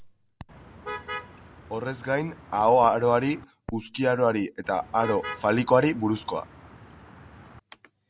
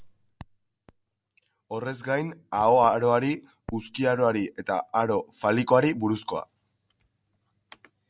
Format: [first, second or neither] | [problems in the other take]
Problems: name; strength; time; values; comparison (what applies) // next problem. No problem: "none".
second | background sound (Motor vehicle (road)); 15 dB below the speech